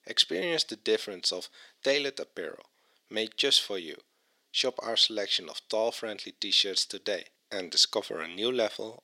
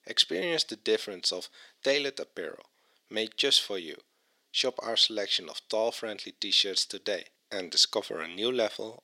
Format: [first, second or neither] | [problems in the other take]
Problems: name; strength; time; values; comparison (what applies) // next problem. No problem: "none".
neither | thin; somewhat; fading below 350 Hz; the same in both